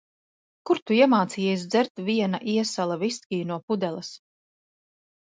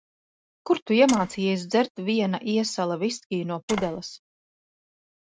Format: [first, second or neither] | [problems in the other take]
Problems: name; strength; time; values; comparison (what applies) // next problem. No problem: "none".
first | noise reduction (neural mask model RNNoise)